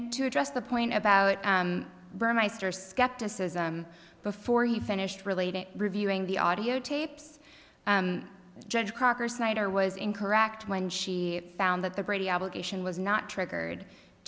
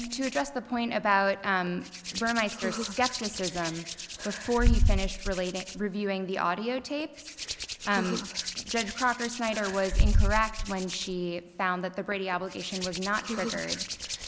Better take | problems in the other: first | background sound (Hands); 1 dB below the speech

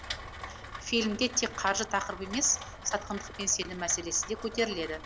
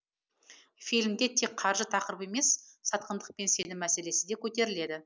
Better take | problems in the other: second | background sound (Rain); 11 dB below the speech

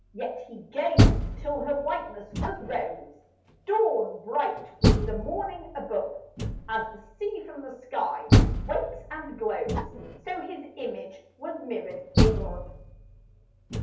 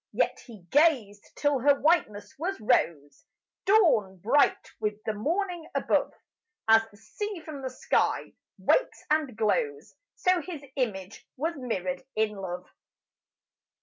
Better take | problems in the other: second | background sound (Door); 4 dB above the speech // room echo; dies away in 0.8 s

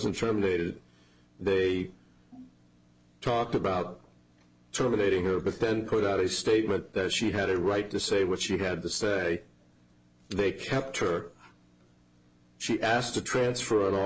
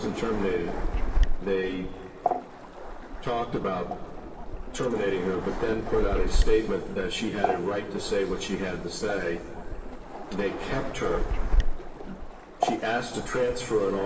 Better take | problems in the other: first | background sound (Waves, surf); 1 dB above the speech // room echo; dies away in 2.6 s

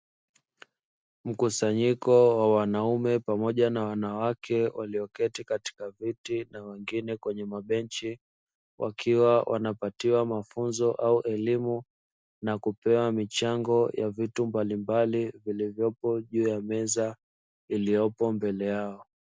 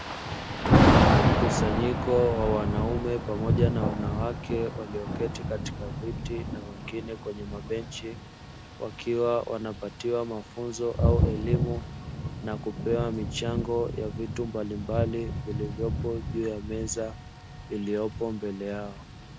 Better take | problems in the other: first | background sound (Thunder / Rain); 3 dB above the speech

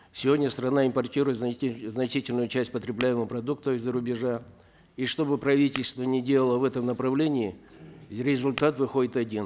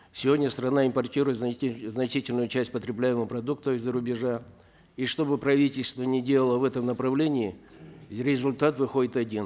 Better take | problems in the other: second | background sound (Tap / Glass); 15 dB below the speech

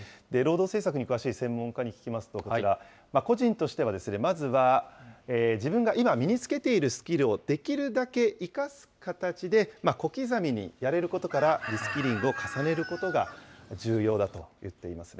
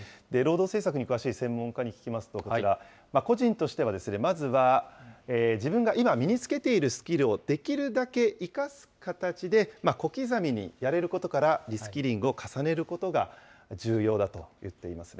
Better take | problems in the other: second | background sound (Chicken, rooster); 11 dB below the speech

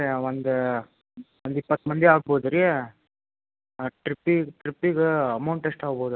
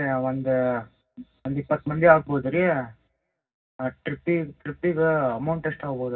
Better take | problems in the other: first | room echo; dies away in 0.4 s

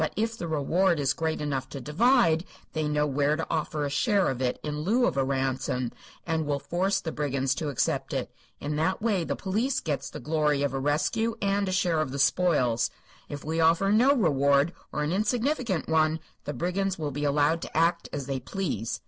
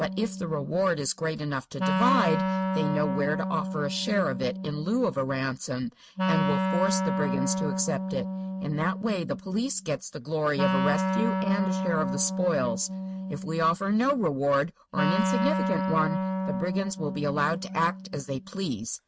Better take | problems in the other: first | noise reduction (neural mask model RNNoise)

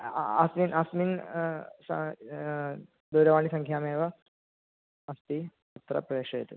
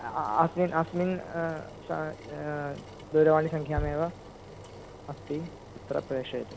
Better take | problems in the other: first | background sound (Engine + Bass drum); 13 dB below the speech

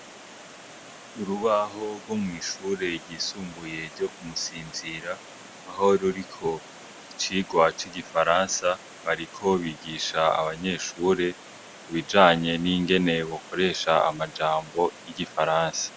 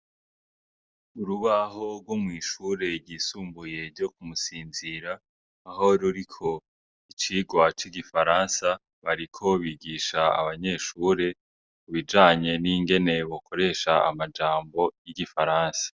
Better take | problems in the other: second | background sound (Water); 18 dB below the speech

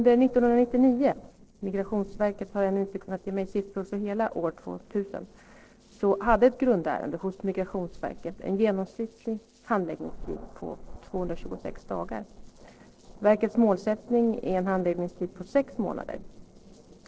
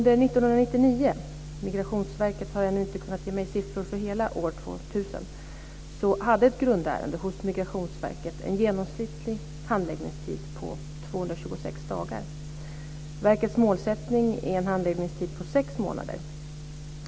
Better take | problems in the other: second | noise reduction (neural separator model SepFormer DNS4)

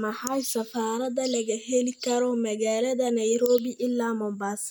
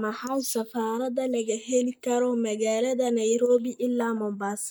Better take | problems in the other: first | noise reduction (neural mask model DeepFilterNet 3)

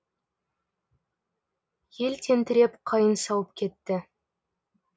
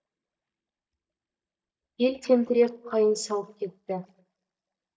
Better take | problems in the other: first | noise reduction (neural mask model DeepFilterNet 3)

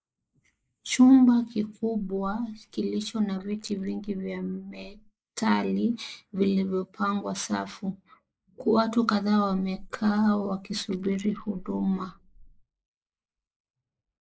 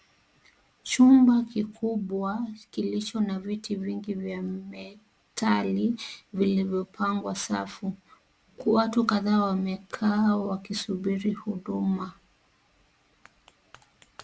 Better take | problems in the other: second | noise reduction (neural mask model Resemble Enhance denoiser)

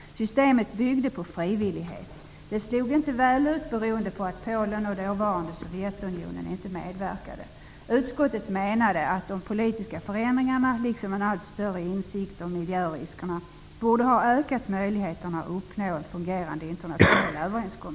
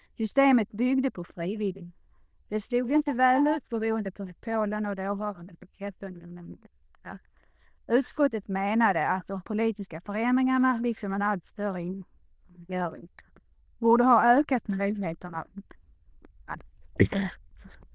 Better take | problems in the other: first | noise reduction (neural diffusion model UNIVERSE++)

